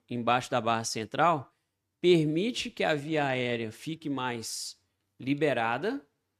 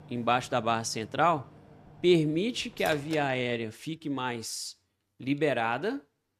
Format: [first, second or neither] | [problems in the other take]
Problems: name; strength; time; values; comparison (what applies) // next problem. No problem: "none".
first | household noises; noticeable; throughout; 20 dB below the speech